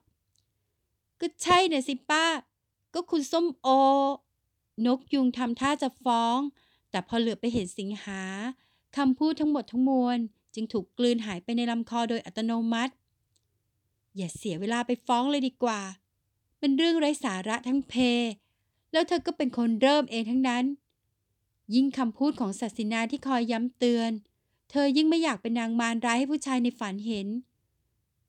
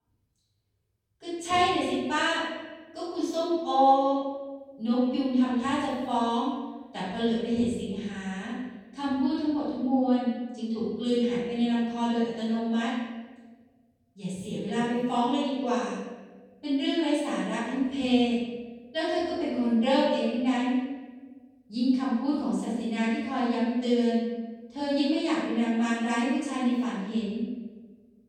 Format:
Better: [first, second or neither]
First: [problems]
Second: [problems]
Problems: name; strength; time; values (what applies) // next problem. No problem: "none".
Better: first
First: none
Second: off-mic speech; far // room echo; strong; dies away in 1.4 s